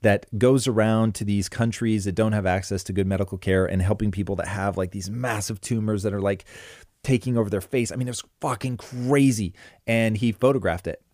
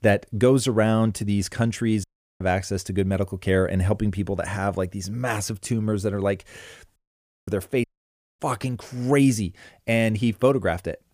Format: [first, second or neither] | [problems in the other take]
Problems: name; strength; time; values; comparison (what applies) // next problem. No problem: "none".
first | audio cutting out; at 2 s, at 7 s for 0.5 s and at 8 s for 0.5 s